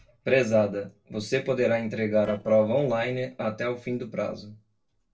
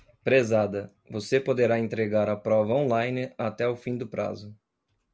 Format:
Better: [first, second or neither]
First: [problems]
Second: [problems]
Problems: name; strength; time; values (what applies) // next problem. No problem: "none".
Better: second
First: noise reduction (neural separator model SepFormer DNS4)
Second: none